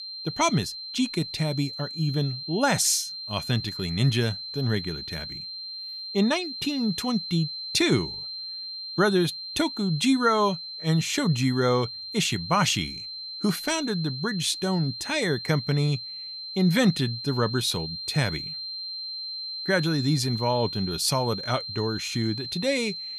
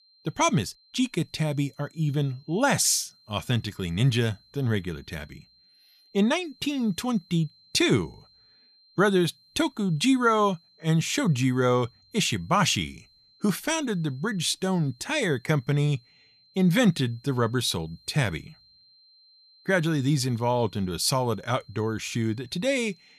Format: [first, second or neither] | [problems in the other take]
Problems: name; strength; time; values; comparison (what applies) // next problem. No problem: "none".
second | high-pitched whine; loud; throughout; 4 kHz, 7 dB below the speech; faint in the second